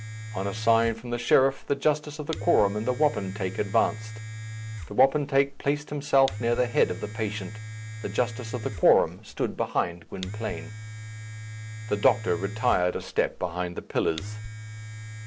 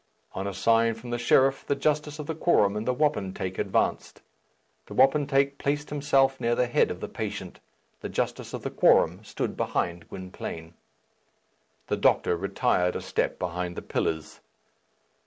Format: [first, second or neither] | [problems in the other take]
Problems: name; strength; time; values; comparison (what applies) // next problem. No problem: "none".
second | background sound (Domestic sounds, home sounds); 11 dB below the speech